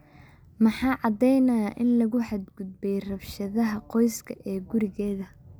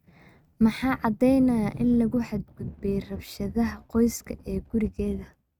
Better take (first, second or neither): first